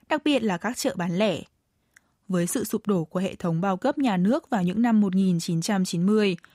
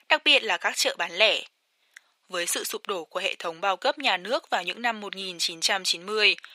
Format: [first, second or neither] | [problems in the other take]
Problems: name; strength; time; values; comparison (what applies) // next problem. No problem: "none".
first | thin; very; fading below 500 Hz